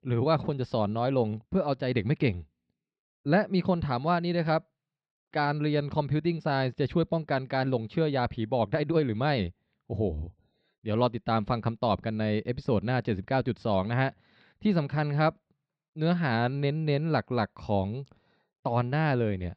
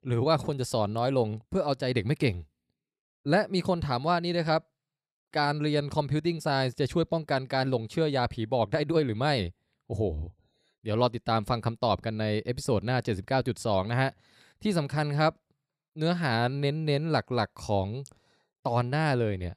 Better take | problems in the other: second | muffled; very slightly; fading above 4 kHz

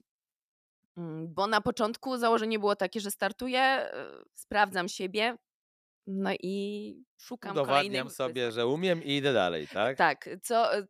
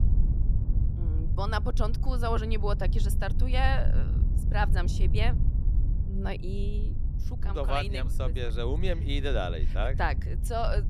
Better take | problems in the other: first | low rumble; noticeable; throughout; 15 dB below the speech

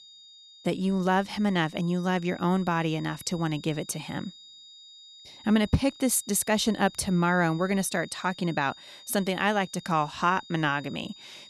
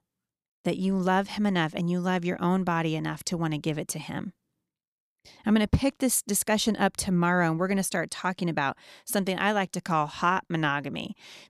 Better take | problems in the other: second | high-pitched whine; faint; throughout; 4 kHz, 20 dB below the speech

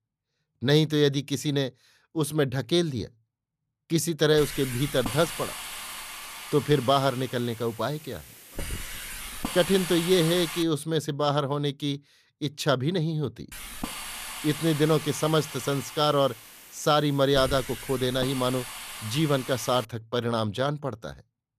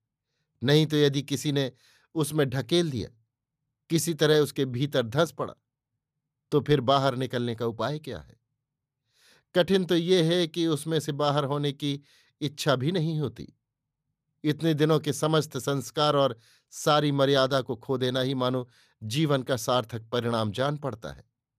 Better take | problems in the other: second | hiss; noticeable; from 4.5 to 11 s and from 14 to 20 s; 10 dB below the speech

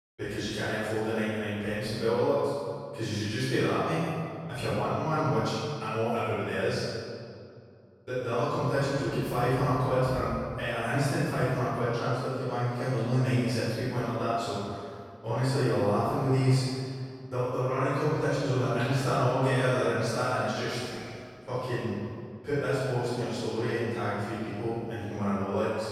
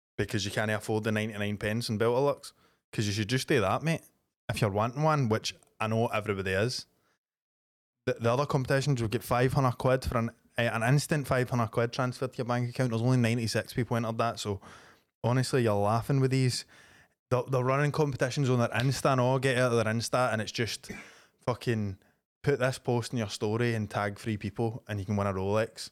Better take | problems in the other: second | off-mic speech; far // room echo; strong; dies away in 1.8 s

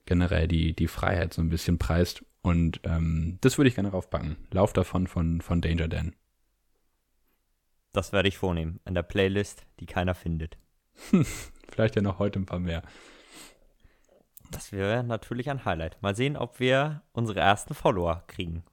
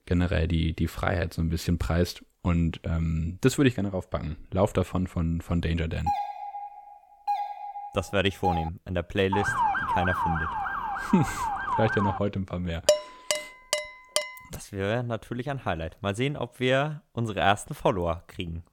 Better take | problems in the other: first | doorbell; noticeable; from 6 to 8.5 s; peak 2 dB below the speech // siren; loud; from 9.5 to 12 s; peak 3 dB above the speech // clattering dishes; loud; from 13 to 14 s; peak 3 dB above the speech

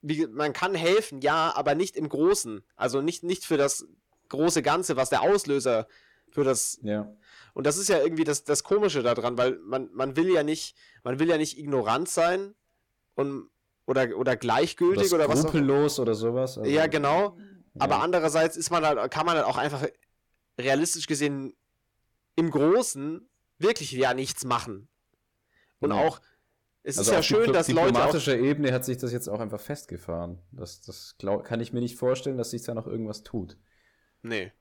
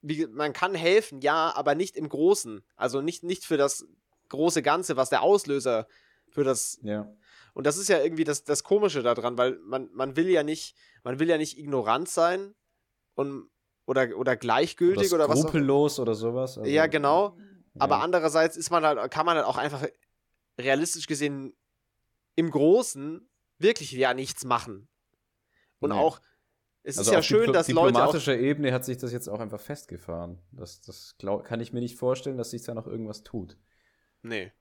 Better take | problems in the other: second | distortion; slight; 10 dB below the speech

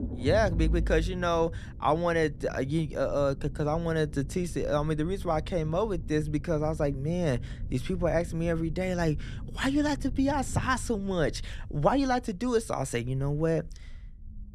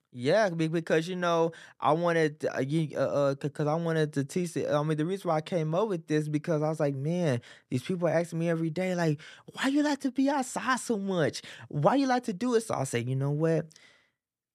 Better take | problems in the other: second | low rumble; faint; throughout; 20 dB below the speech

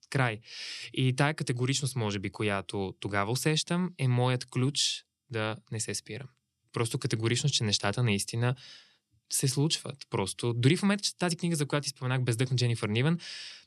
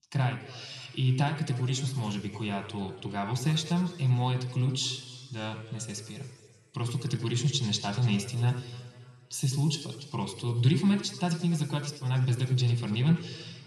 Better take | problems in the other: first | room echo; noticeable; dies away in 1.9 s // off-mic speech; somewhat distant

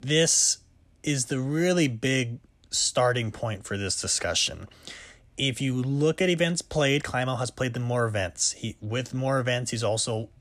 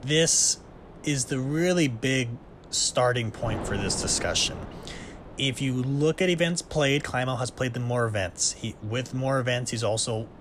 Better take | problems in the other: first | wind noise on the microphone; occasional gusts; 20 dB below the speech

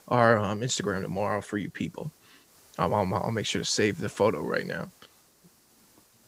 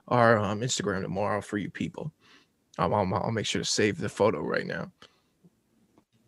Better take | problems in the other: second | hiss; faint; throughout; 30 dB below the speech

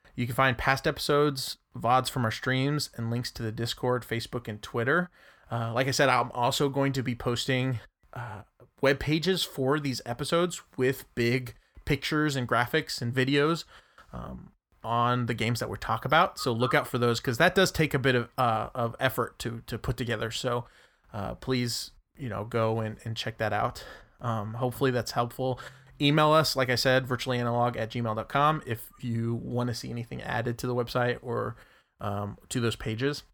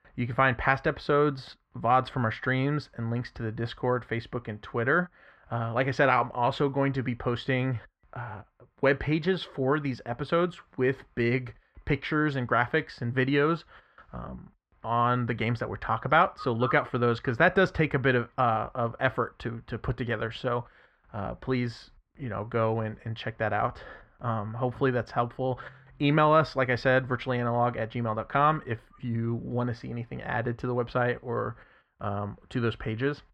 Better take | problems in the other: first | muffled; slightly; fading above 2 kHz

